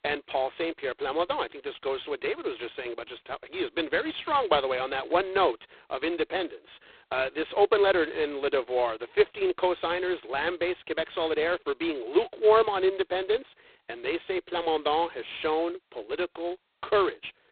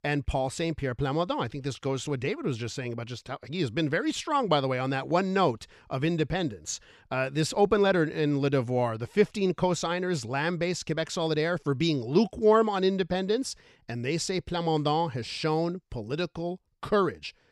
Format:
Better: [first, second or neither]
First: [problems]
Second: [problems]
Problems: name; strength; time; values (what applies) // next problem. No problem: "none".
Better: second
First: phone-call audio; poor line; nothing above 4 kHz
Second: none